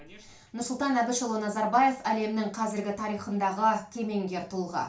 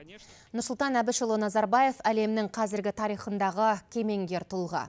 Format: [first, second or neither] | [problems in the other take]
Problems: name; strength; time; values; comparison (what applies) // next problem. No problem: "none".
second | room echo; dies away in 0.3 s